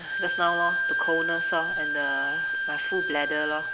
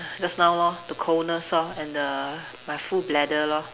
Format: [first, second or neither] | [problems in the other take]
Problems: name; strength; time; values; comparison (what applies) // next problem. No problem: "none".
second | background sound (Bowed string instrument); 2 dB above the speech